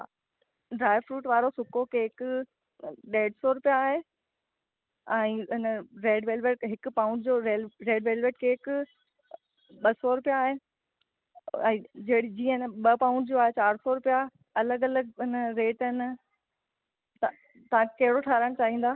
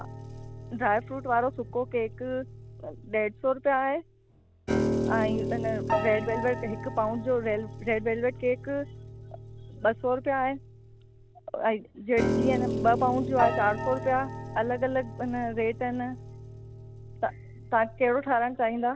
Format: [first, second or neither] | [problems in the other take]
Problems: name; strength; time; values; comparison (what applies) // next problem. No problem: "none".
first | background sound (Piano); 5 dB below the speech